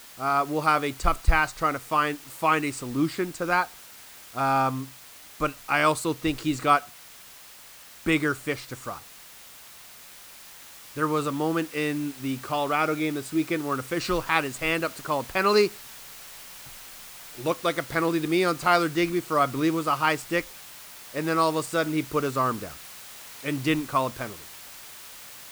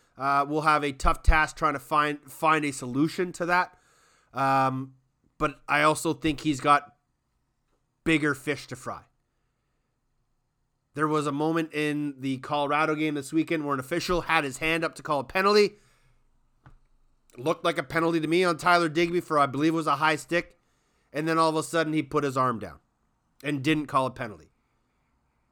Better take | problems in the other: second | hiss; noticeable; throughout; 15 dB below the speech

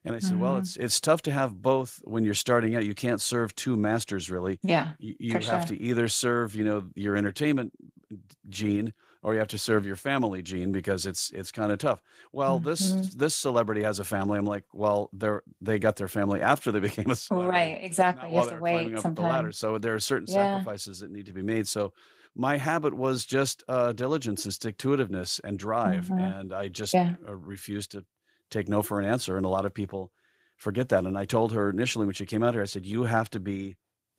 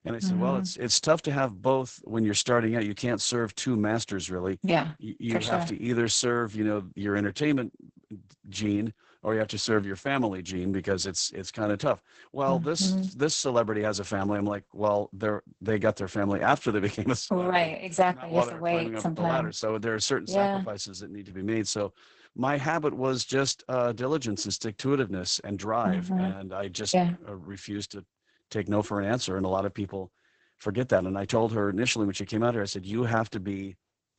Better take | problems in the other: first | garbled, watery; badly; nothing above 8 kHz; slightly in the first

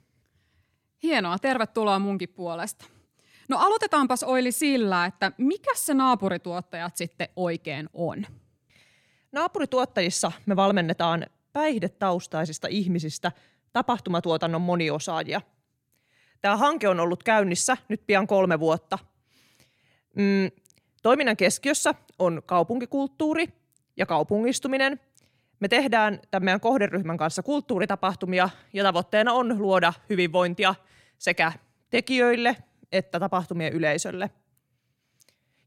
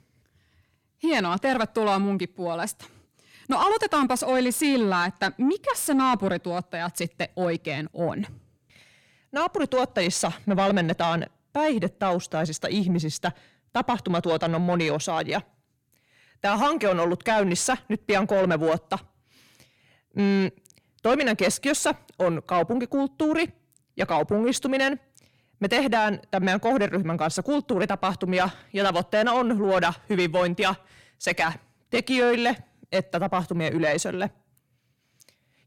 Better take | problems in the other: first | distortion; slight; 10 dB below the speech

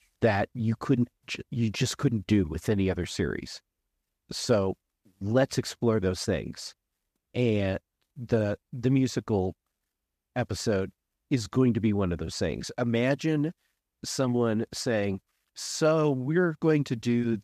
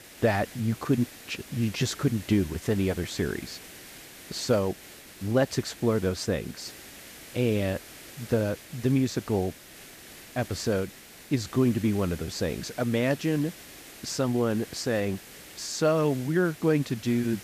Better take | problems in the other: first | hiss; noticeable; throughout; 15 dB below the speech

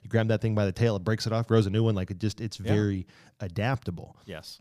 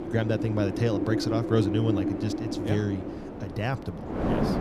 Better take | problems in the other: first | wind noise on the microphone; heavy; 2 dB below the speech

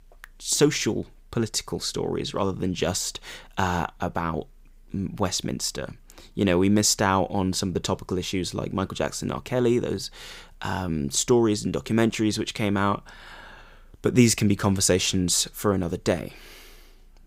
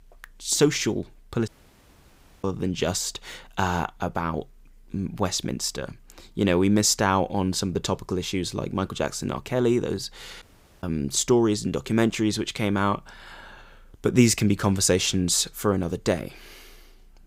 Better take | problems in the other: first | audio cutting out; at 1.5 s for 1 s and at 10 s

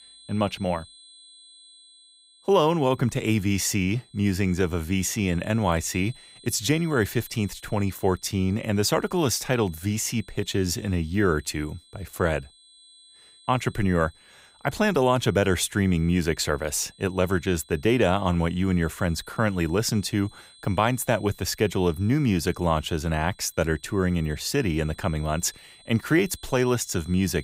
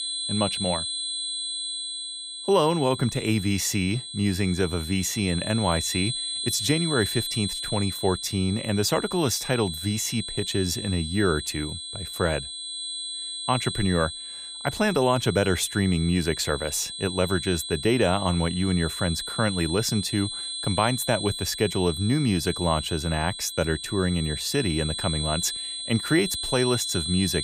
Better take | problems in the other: first | high-pitched whine; loud; throughout; 4 kHz, 5 dB below the speech; faint in the first

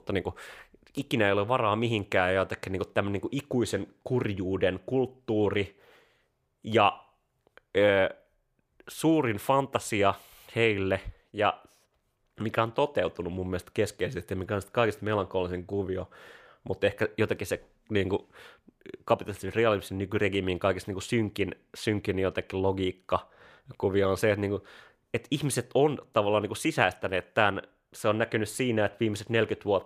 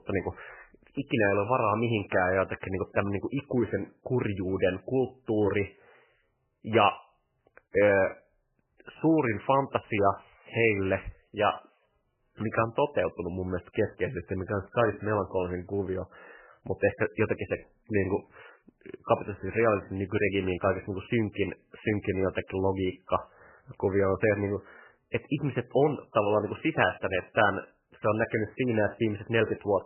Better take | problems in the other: first | garbled, watery; badly; nothing above 3 kHz

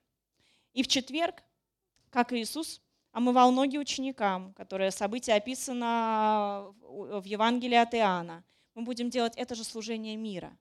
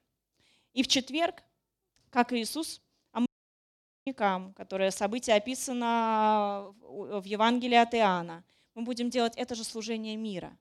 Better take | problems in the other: first | audio cutting out; at 3.5 s for 1 s

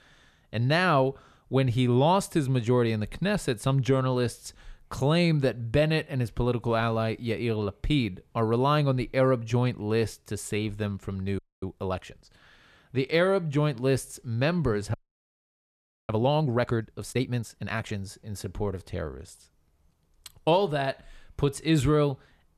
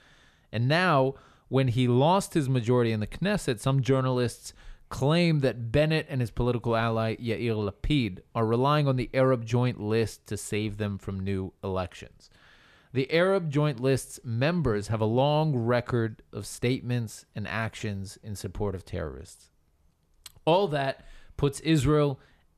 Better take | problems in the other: second | audio freezing; at 11 s and at 15 s for 1 s

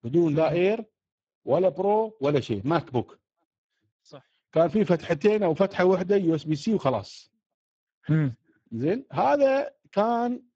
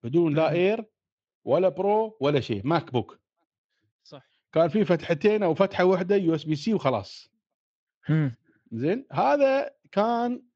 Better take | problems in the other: second | garbled, watery; badly; slightly in the second

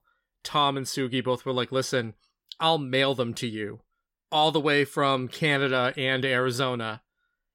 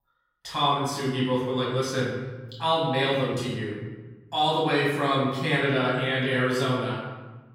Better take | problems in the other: first | off-mic speech; far // room echo; noticeable; dies away in 1.3 s

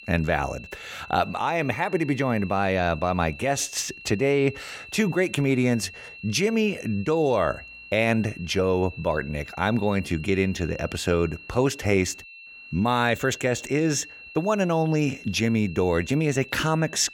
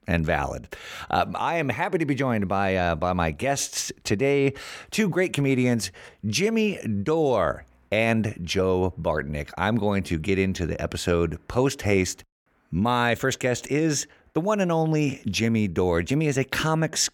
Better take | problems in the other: second | high-pitched whine; noticeable; throughout; 2.5 kHz, 15 dB below the speech

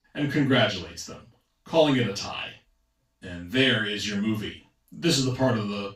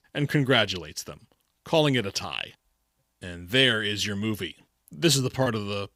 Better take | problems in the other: second | room echo; noticeable; dies away in 0.2 s // off-mic speech; far

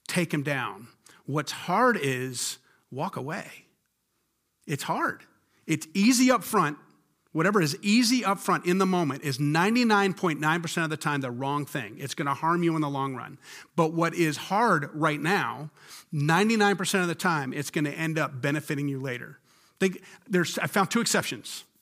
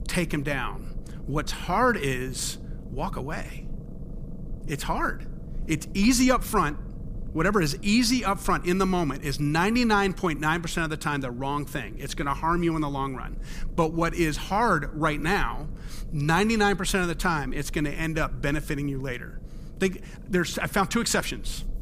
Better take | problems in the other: first | low rumble; faint; throughout; 25 dB below the speech

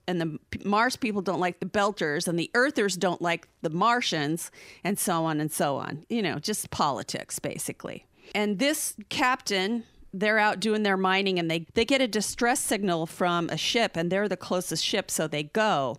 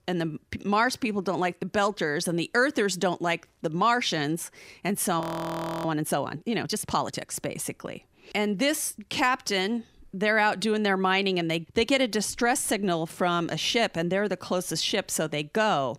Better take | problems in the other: first | audio freezing; at 5 s for 0.5 s

